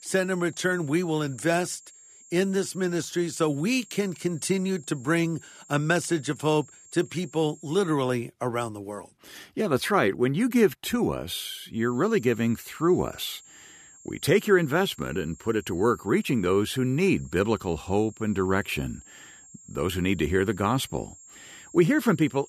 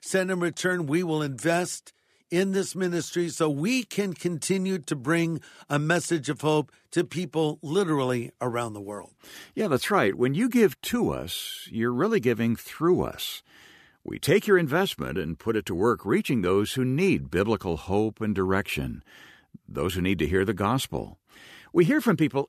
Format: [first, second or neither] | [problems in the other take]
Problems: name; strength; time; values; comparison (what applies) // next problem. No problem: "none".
second | high-pitched whine; faint; until 8 s and from 12 s on; 7.5 kHz, 25 dB below the speech